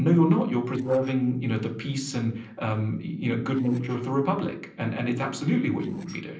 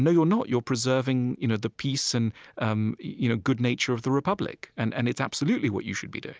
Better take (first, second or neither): second